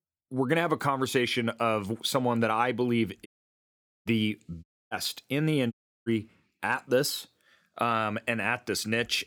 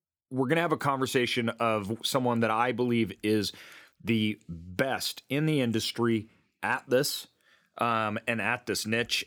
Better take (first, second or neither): second